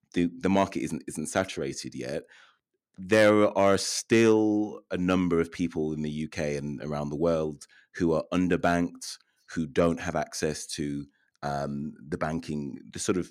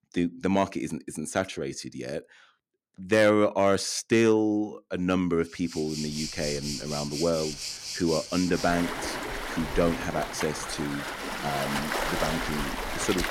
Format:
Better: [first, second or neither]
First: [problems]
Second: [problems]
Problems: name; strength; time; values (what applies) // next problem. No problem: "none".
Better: first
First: none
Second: rain or running water; loud; from 6 s on; 5 dB below the speech